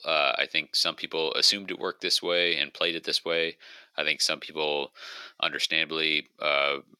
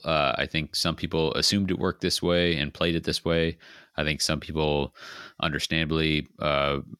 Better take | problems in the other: second | thin; somewhat; fading below 450 Hz

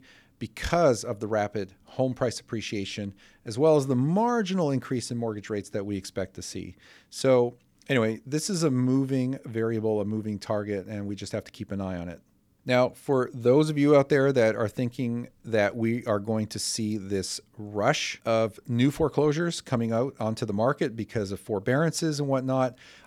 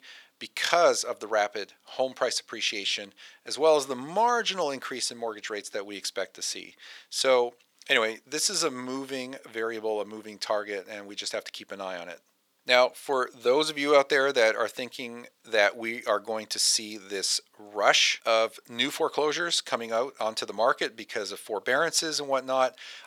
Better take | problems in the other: first | thin; very; fading below 650 Hz

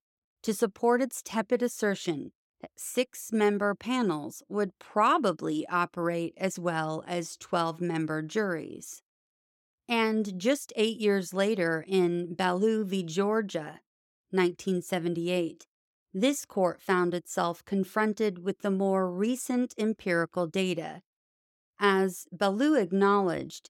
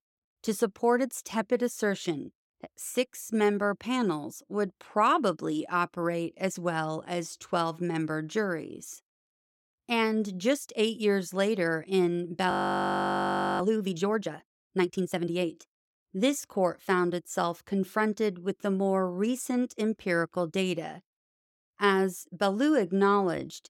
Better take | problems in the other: first | audio freezing; at 13 s for 1 s

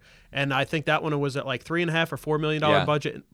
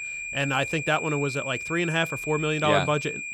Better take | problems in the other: first | high-pitched whine; loud; throughout; 2.5 kHz, 6 dB below the speech

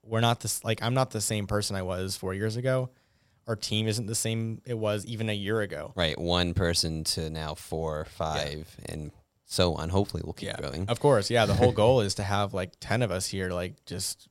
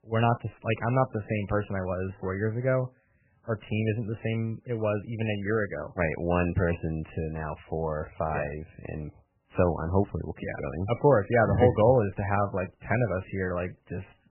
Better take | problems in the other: first | garbled, watery; badly; nothing above 3 kHz

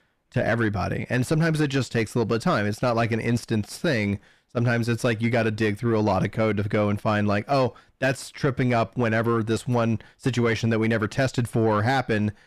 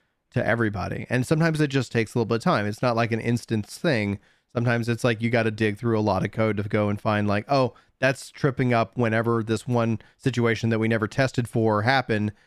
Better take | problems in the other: second | distortion; slight; 10 dB below the speech

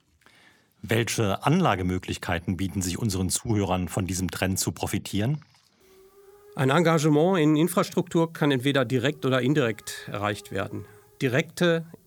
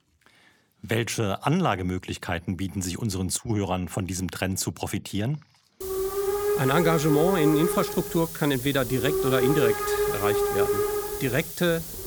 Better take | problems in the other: first | hiss; loud; from 6 s on; 1 dB below the speech; faint in the first

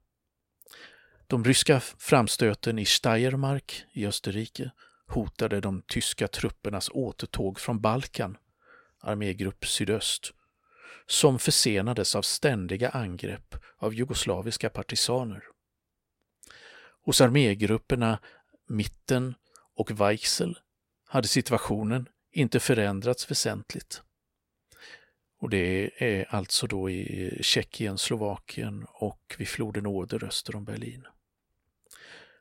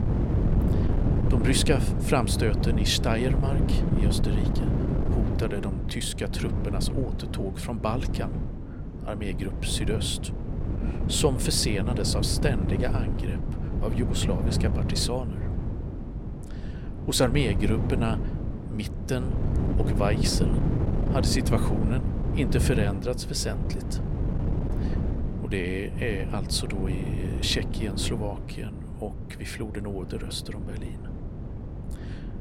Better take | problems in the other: first | wind noise on the microphone; heavy; 6 dB below the speech

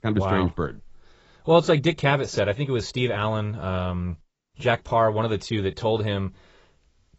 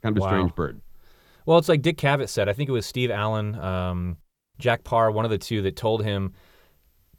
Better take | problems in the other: second | garbled, watery; badly; nothing above 7.5 kHz

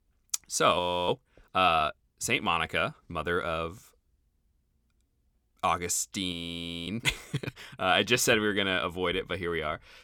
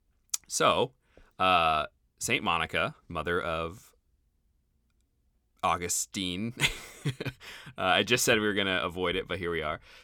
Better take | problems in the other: second | audio freezing; at 1 s and at 6.5 s for 0.5 s

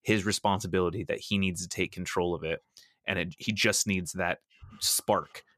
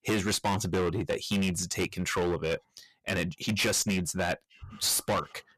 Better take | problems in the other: first | distortion; heavy; 15% of the sound clipped

